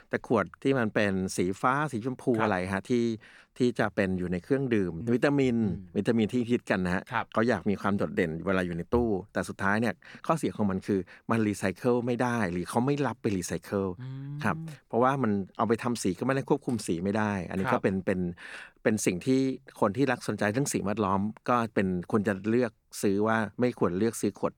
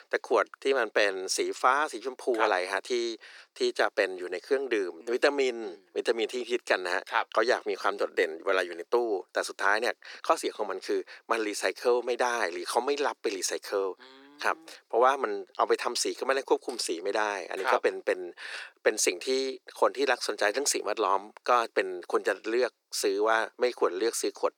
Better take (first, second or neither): first